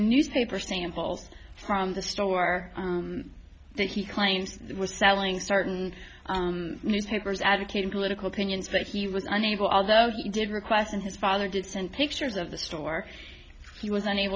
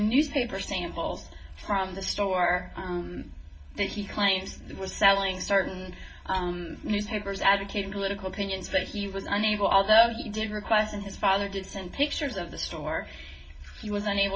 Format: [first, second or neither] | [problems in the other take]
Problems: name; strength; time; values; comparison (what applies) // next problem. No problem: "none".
first | room echo; dies away in 0.2 s